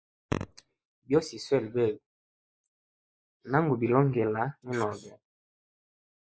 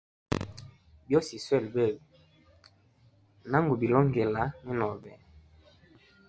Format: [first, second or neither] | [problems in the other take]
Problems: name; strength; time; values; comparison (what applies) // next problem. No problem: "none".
second | noise reduction (neural mask model Resemble Enhance denoiser)